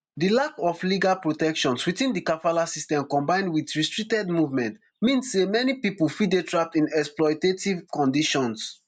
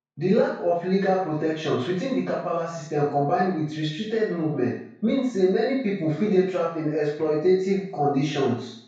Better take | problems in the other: first | room echo; dies away in 0.6 s

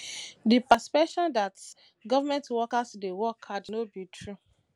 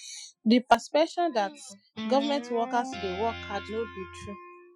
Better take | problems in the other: first | noise reduction (classical method Wiener filter)

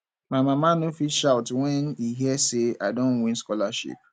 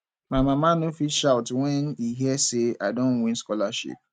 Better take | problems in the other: first | noise reduction (neural mask model RNNoise)

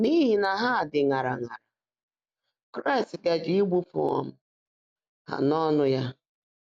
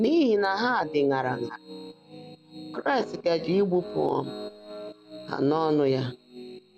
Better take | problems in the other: first | background sound (Piano); 15 dB below the speech

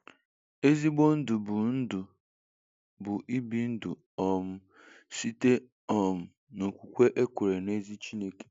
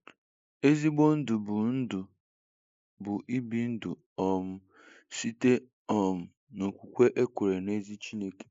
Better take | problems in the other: first | noise reduction (neural mask model Resemble Enhance denoiser)

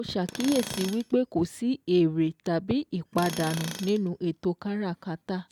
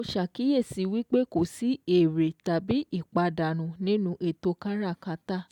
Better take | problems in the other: second | background sound (Tools); 14 dB below the speech

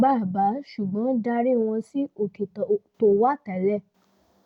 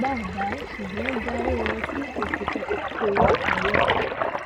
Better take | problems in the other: first | background sound (Toilet flush); 5 dB above the speech

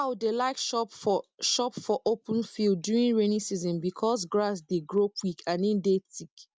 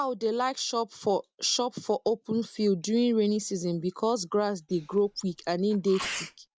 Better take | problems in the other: first | background sound (Sneeze); 13 dB below the speech

